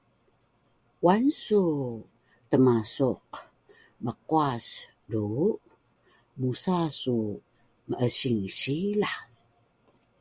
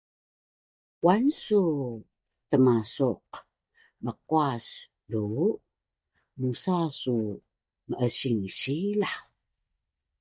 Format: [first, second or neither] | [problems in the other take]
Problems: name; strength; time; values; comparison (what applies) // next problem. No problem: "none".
first | noise reduction (neural mask model DeepFilterNet 3)